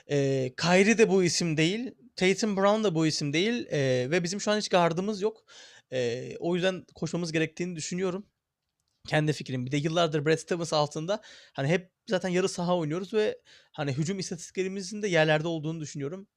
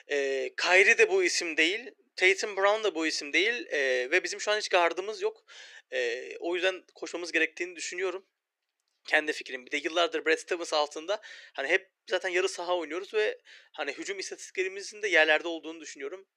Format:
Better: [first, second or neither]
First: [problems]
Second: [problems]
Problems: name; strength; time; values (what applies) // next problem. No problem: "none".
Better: first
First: none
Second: thin; very; fading below 350 Hz